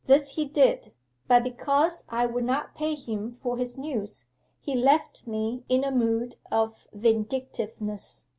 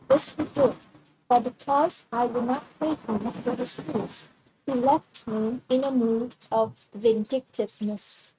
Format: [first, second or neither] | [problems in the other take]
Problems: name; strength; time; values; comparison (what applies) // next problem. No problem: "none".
first | noise reduction (neural mask model RNNoise)